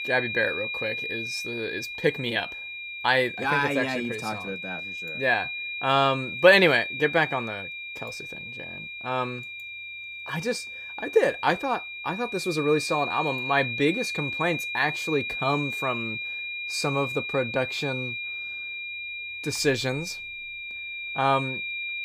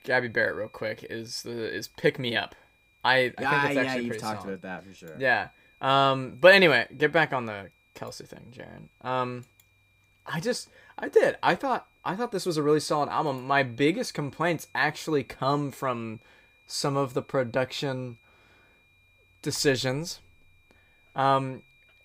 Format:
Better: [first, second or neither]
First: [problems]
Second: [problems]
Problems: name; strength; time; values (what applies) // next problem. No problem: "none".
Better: second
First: high-pitched whine; loud; throughout; 2.5 kHz, 6 dB below the speech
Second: high-pitched whine; faint; throughout; 2.5 kHz, 35 dB below the speech